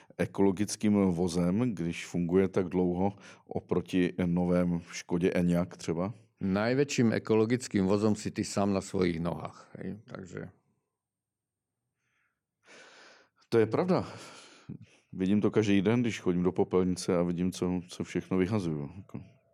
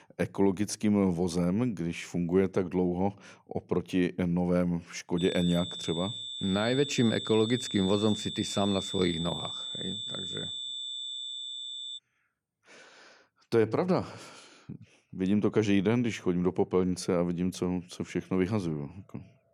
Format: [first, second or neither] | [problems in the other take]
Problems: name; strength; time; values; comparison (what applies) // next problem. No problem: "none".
first | high-pitched whine; loud; from 5 to 12 s; 3.5 kHz, 6 dB below the speech